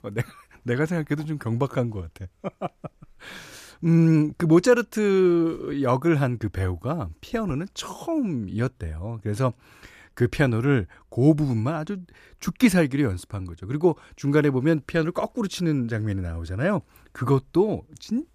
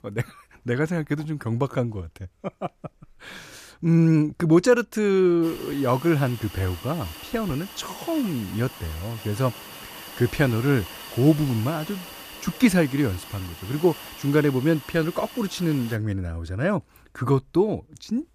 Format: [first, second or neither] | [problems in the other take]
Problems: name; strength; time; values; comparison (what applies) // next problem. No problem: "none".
first | hiss; noticeable; from 5.5 to 16 s; 15 dB below the speech